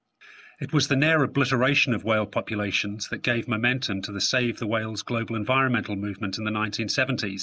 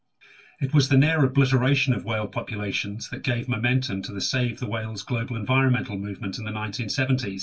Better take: first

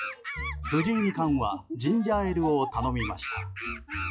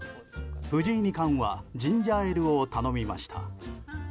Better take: second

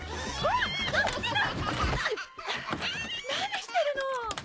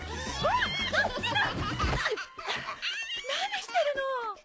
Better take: second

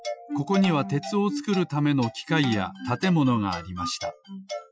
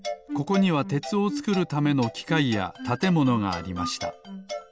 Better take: second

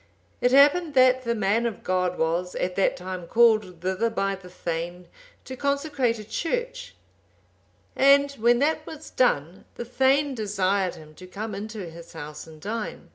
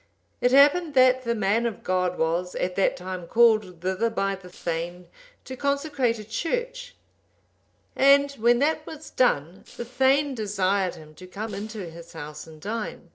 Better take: first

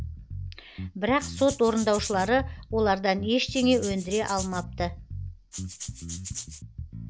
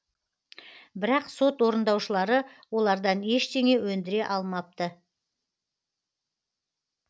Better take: second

